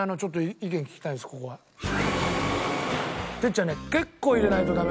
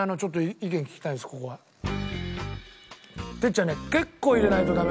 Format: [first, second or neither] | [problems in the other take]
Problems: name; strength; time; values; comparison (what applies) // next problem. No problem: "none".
second | background sound (Mechanisms); 3 dB below the speech